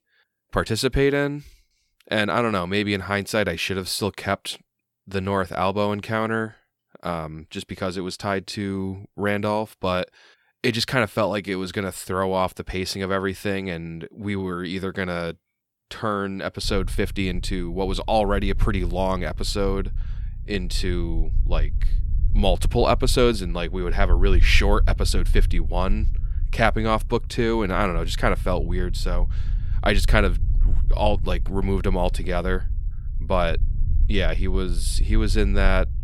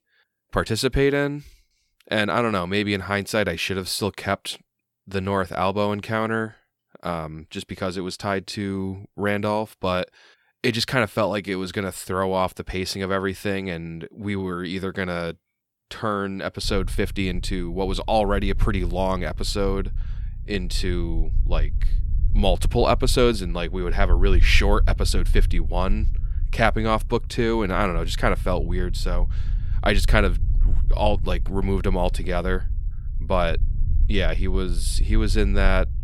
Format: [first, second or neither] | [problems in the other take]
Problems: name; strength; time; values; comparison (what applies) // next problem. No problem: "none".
neither | low rumble; faint; from 17 s on; 25 dB below the speech; the same in both